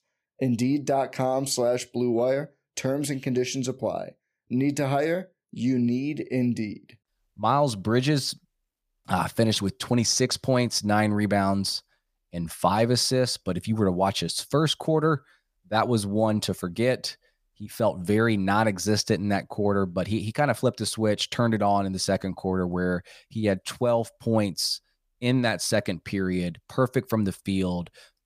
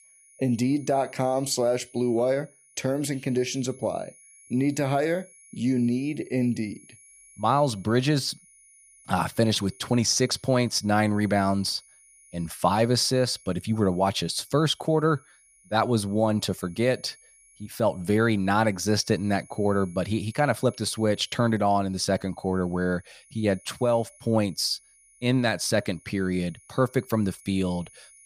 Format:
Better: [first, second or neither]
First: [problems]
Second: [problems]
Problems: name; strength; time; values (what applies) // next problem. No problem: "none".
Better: first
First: none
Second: high-pitched whine; faint; throughout; 10.5 kHz, 25 dB below the speech